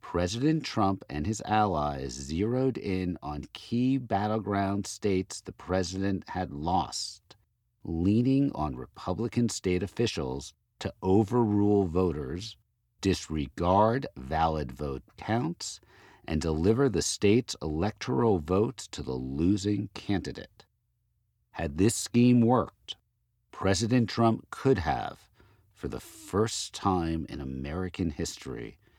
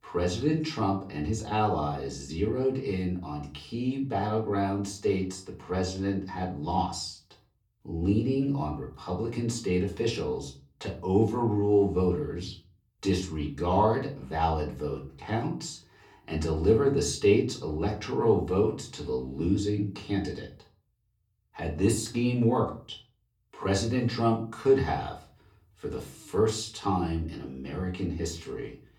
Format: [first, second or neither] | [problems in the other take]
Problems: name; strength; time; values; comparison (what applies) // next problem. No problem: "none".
first | off-mic speech; far // room echo; very slight; dies away in 0.3 s